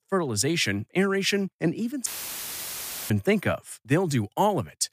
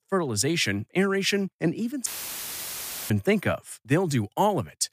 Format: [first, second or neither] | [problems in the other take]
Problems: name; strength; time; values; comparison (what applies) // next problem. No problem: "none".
neither | audio cutting out; filled with static; at 2 s for 1 s; the same in both